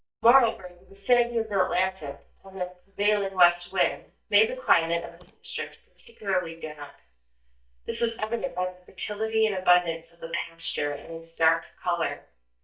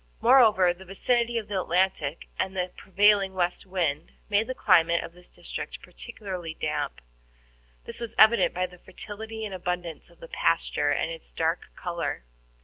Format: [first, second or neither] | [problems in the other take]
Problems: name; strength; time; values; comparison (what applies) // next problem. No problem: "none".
second | noise reduction (neural mask model DeepFilterNet 3)